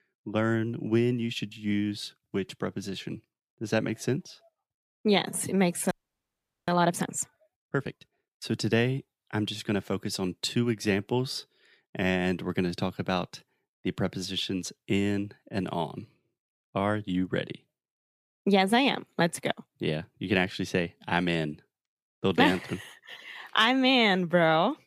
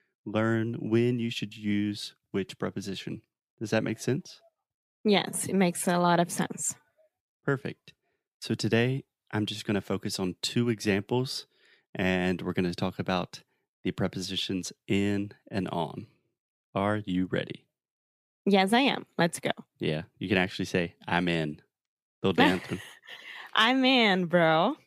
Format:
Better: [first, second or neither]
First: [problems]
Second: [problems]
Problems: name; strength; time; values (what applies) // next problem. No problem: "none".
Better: second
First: audio freezing; at 6 s for 1 s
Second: none